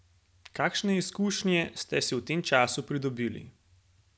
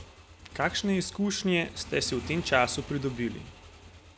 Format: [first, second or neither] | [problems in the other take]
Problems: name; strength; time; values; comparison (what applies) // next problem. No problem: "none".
first | background sound (Motorcycle / Engine); 15 dB below the speech